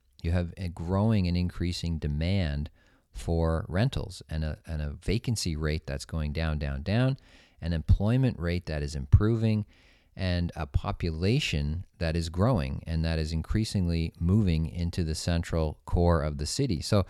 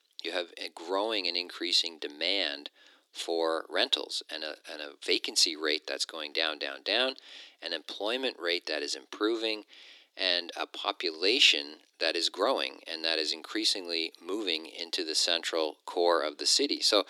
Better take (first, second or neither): first